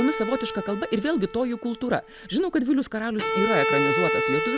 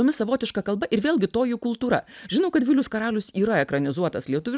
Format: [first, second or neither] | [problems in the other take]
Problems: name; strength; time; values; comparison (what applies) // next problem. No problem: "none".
second | background sound (Bowed string instrument); 2 dB below the speech